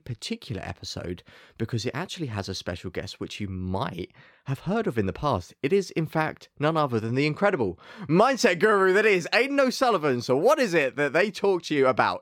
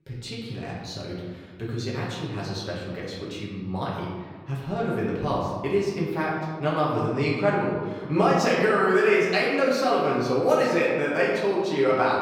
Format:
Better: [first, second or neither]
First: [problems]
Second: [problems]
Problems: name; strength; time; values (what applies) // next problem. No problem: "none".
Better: first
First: none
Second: room echo; noticeable; dies away in 1.4 s // off-mic speech; far